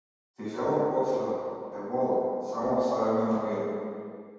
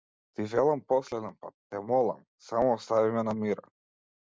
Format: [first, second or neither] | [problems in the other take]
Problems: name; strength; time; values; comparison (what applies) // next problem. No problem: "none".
second | room echo; dies away in 2.1 s